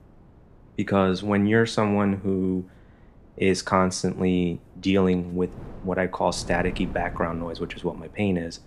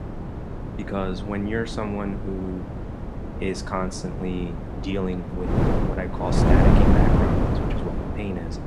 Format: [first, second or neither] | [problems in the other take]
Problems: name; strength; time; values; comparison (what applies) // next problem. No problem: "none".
first | wind noise on the microphone; heavy; 2 dB above the speech; occasional gusts in the first